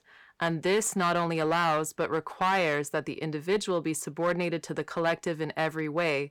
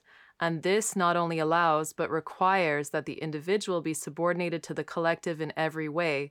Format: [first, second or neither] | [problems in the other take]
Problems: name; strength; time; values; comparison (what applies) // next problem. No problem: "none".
second | distortion; slight; 5% of the sound clipped